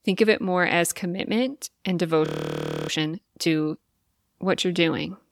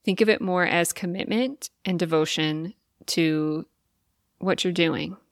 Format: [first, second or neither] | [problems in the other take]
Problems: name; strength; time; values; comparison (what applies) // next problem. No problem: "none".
second | audio freezing; at 2.5 s for 0.5 s